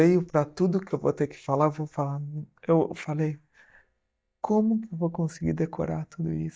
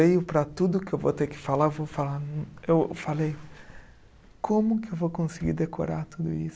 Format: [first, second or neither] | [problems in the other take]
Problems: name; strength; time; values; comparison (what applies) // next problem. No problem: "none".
second | noise reduction (neural mask model DeepFilterNet 3)